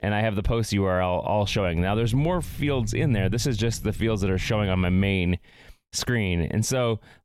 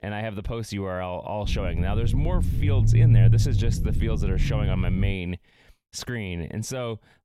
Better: first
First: low rumble; faint; from 1.5 to 5 s; 20 dB below the speech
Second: low rumble; loud; from 1.5 to 5 s; 3 dB below the speech

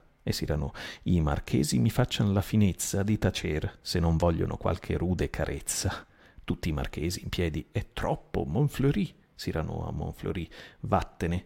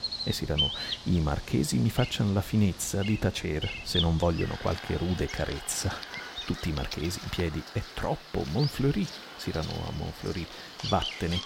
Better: first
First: none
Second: animal sounds; loud; throughout; 6 dB below the speech

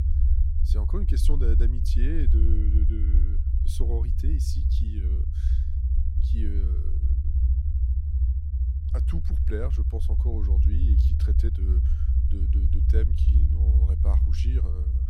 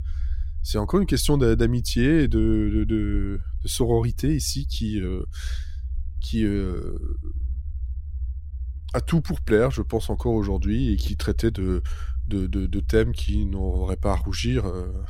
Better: second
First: low rumble; loud; throughout; 1 dB below the speech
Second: low rumble; faint; throughout; 25 dB below the speech

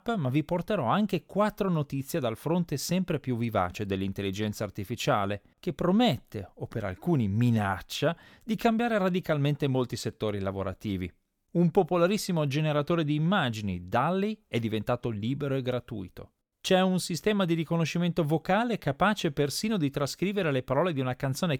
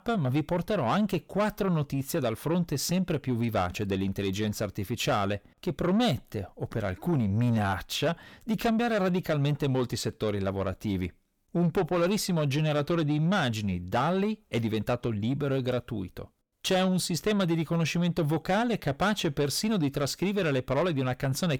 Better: first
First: none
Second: distortion; slight; 10 dB below the speech

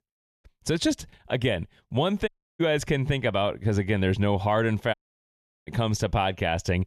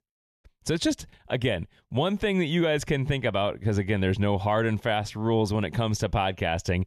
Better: second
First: audio cutting out; at 2.5 s and at 5 s for 0.5 s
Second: none

